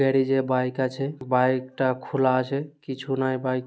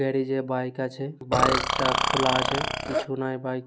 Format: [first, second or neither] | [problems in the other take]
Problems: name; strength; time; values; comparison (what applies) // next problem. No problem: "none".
first | background sound (Burping, eructation); 3 dB above the speech